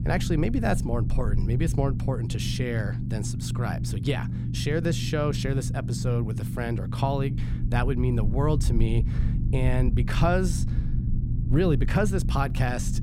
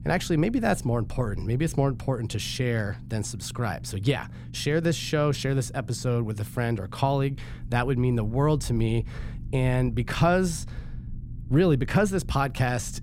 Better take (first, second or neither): second